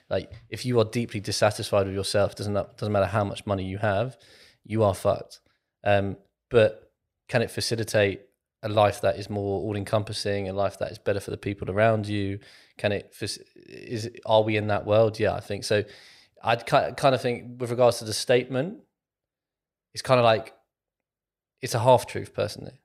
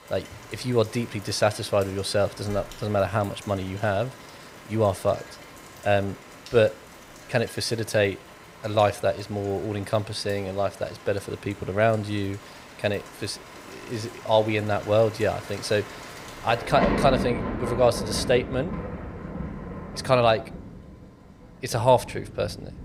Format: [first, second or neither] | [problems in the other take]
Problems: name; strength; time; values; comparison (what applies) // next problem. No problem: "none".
first | rain or running water; noticeable; throughout; 10 dB below the speech